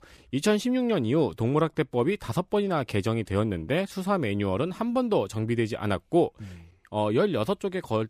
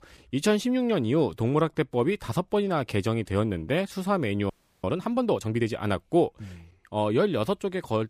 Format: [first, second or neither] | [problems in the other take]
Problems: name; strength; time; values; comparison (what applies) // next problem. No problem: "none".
first | audio freezing; at 4.5 s